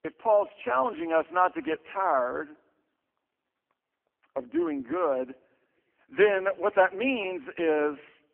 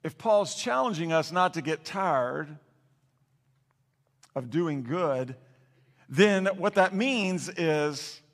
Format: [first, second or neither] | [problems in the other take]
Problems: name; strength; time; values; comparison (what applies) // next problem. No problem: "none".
second | phone-call audio; poor line